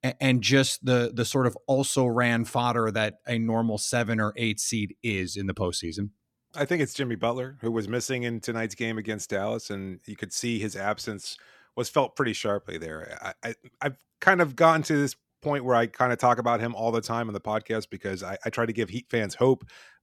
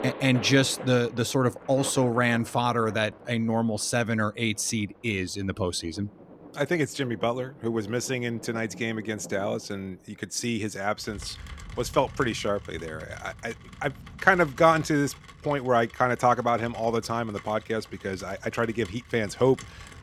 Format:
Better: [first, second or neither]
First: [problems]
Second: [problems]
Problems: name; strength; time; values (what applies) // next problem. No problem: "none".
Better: first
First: none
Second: rain or running water; noticeable; throughout; 20 dB below the speech